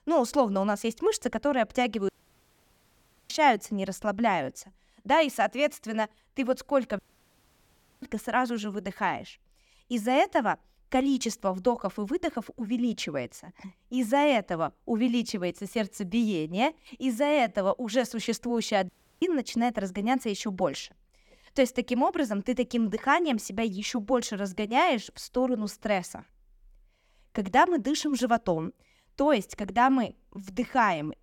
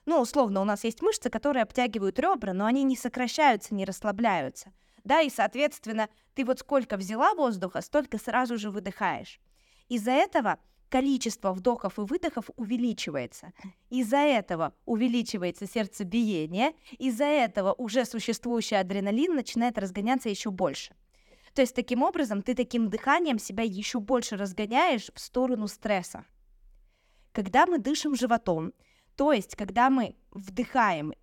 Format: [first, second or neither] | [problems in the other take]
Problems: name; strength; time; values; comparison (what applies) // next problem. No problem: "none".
second | audio cutting out; at 2 s for 1 s, at 7 s for 1 s and at 19 s